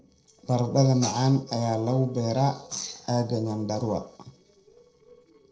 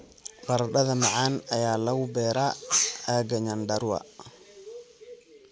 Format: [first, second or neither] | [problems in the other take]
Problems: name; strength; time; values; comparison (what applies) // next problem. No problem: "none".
second | noise reduction (neural separator model SepFormer DNS4)